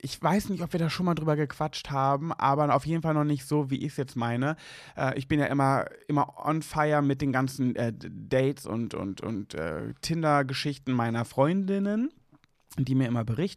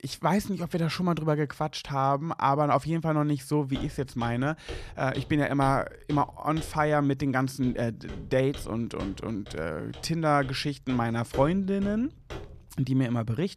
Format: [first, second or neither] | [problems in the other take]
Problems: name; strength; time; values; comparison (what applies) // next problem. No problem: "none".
first | footsteps; faint; from 4 to 13 s; peak 10 dB below the speech